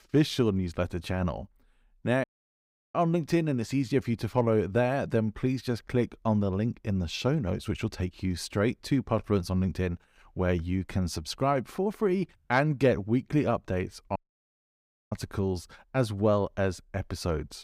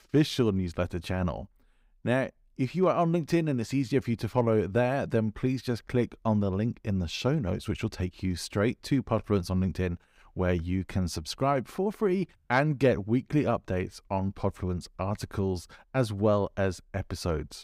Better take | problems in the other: second | audio cutting out; at 2 s for 0.5 s and at 14 s for 1 s

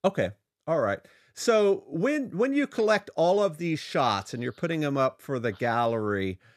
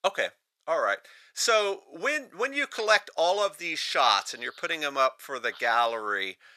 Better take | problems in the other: first | thin; very; fading below 850 Hz

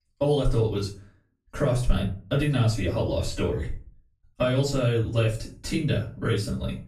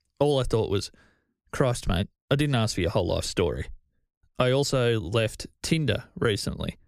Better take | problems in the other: second | off-mic speech; far // room echo; slight; dies away in 0.4 s

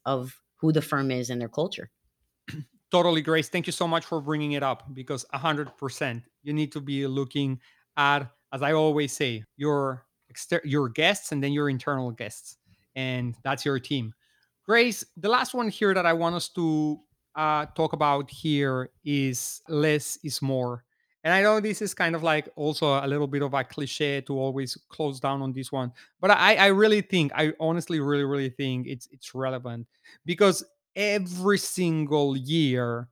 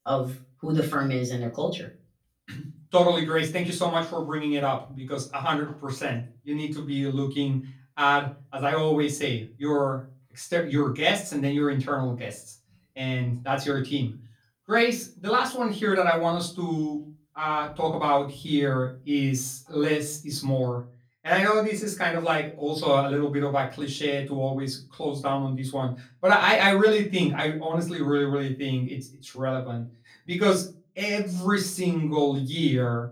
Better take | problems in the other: first | off-mic speech; far // room echo; very slight; dies away in 0.3 s

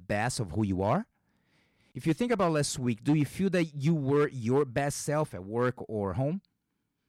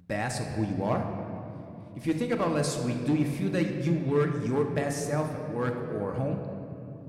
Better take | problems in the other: first | room echo; slight; dies away in 2.3 s

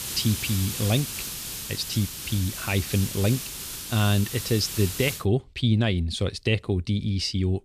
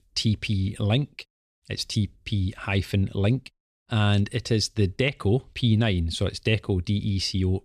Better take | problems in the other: second | hiss; loud; until 5 s; 6 dB below the speech

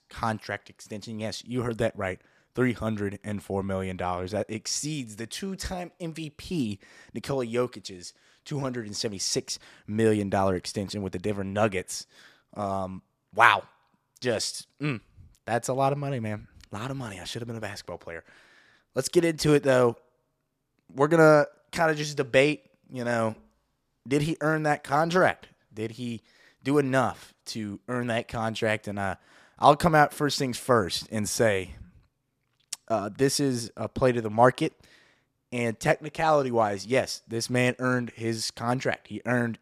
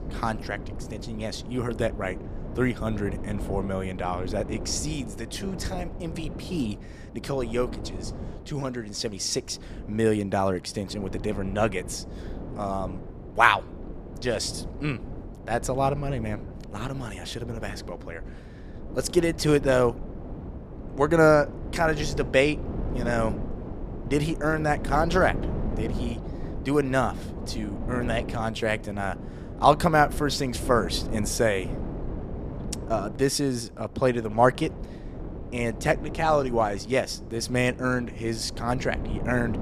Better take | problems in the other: first | wind noise on the microphone; occasional gusts; 15 dB below the speech

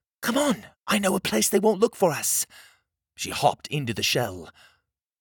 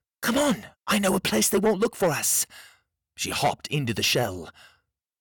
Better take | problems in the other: first | distortion; slight; 10 dB below the speech

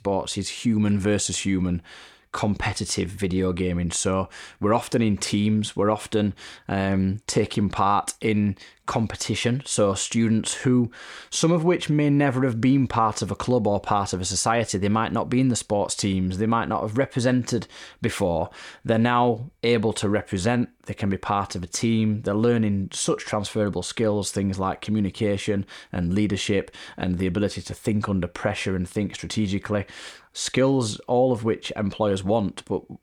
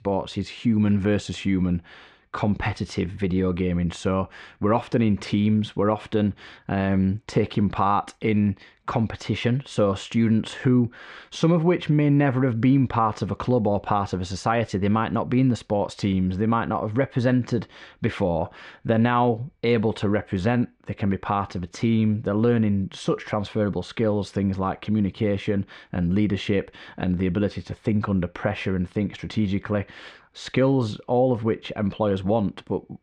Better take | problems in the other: first | muffled; slightly; fading above 3 kHz

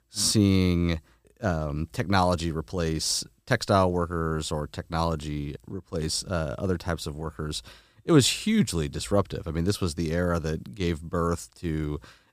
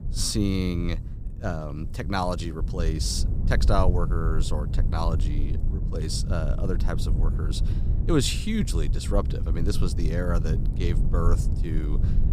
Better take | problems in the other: first | low rumble; noticeable; throughout; 10 dB below the speech

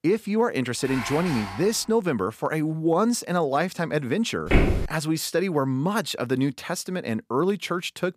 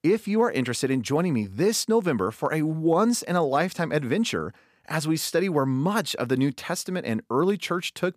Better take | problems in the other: second | clattering dishes; noticeable; from 1 to 2 s; peak 7 dB below the speech // footsteps; loud; at 4.5 s; peak 3 dB above the speech

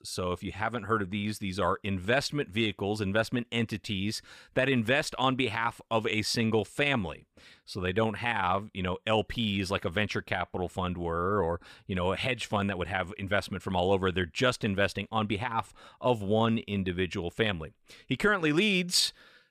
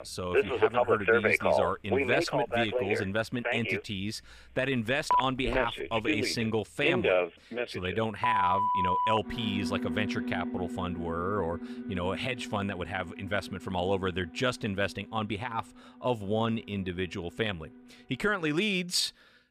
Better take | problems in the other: first | alarms or sirens; very loud; throughout; 2 dB above the speech

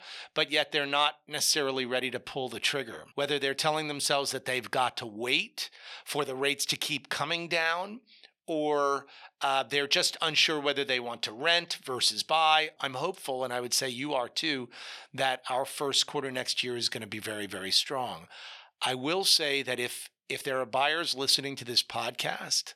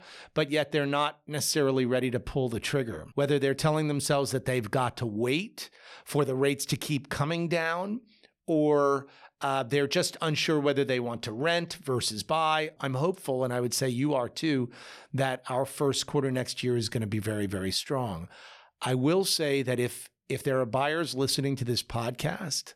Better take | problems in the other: second | thin; somewhat; fading below 650 Hz

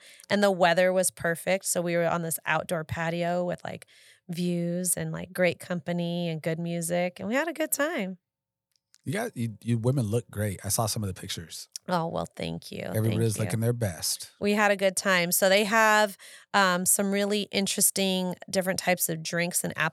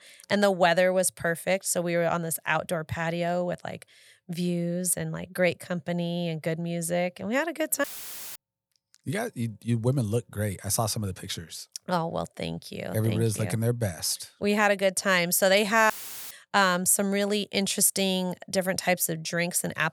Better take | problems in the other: first | audio cutting out; filled with static; at 8 s for 0.5 s and at 16 s

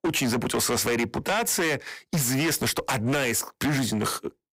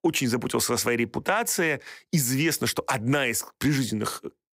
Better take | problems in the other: second | distortion; heavy; 23% of the sound clipped

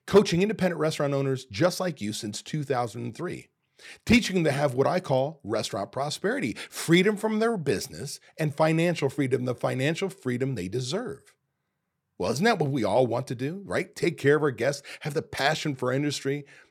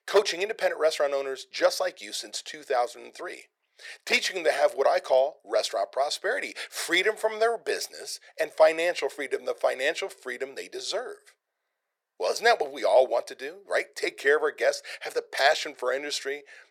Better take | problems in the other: first | thin; very; fading below 450 Hz

